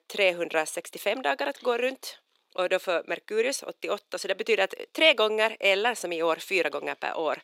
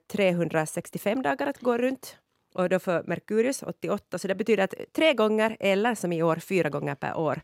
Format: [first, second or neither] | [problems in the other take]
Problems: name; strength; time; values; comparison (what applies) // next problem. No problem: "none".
second | thin; somewhat; fading below 350 Hz